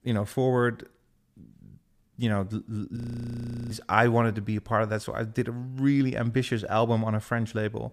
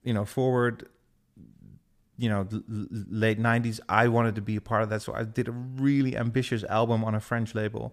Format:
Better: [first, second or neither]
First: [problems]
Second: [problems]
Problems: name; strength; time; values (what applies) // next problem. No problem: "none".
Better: second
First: audio freezing; at 3 s for 0.5 s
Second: none